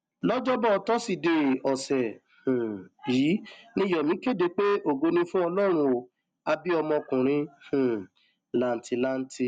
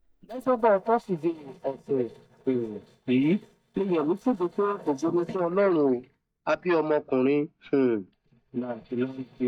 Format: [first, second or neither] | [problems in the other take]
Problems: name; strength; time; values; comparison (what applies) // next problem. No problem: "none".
first | noise reduction (neural mask model DeepFilterNet 3)